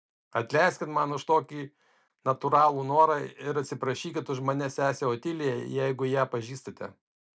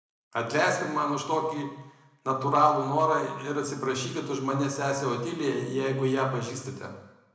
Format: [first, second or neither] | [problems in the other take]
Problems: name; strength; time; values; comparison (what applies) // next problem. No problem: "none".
first | room echo; dies away in 0.9 s